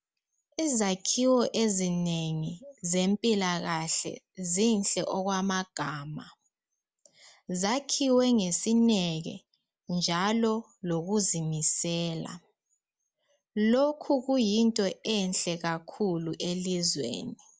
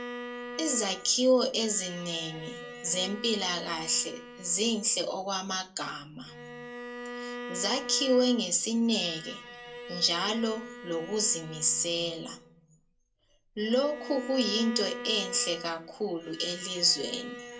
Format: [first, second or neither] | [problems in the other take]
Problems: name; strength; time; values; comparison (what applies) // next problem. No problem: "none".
first | background sound (Bowed string instrument); 13 dB below the speech // room echo; dies away in 0.2 s